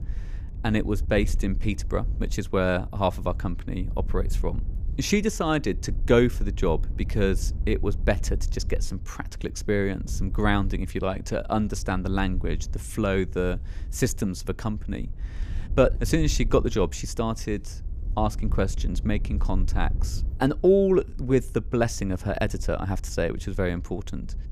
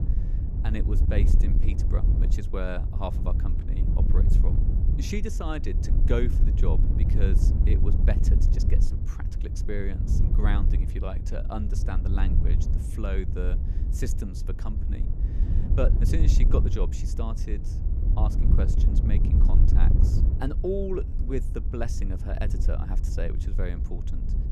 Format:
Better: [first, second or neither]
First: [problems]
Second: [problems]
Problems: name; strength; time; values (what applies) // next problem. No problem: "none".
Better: first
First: wind noise on the microphone; occasional gusts; 25 dB below the speech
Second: wind noise on the microphone; heavy; 5 dB below the speech